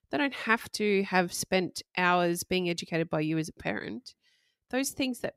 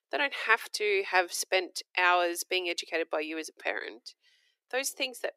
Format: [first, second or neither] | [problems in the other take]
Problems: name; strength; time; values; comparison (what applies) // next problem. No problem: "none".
first | thin; very; fading below 350 Hz